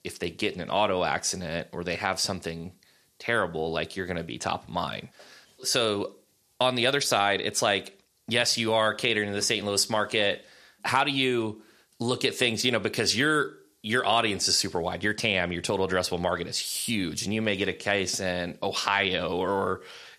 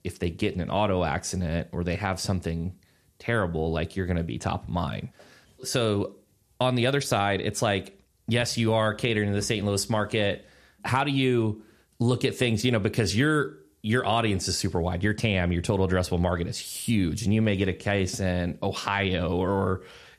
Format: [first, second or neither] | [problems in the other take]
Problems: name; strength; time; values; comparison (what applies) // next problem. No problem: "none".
second | thin; somewhat; fading below 500 Hz